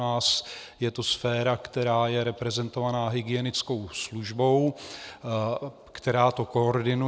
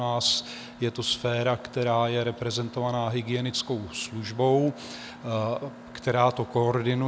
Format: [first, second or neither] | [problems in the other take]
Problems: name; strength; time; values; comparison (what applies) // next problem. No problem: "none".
first | background sound (Mechanisms); 18 dB below the speech